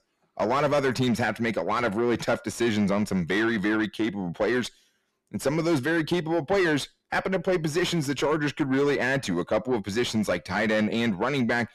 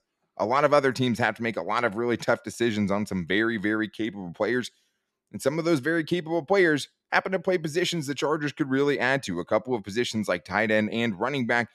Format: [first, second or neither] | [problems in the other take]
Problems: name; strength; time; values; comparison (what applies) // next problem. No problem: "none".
second | distortion; heavy; 8 dB below the speech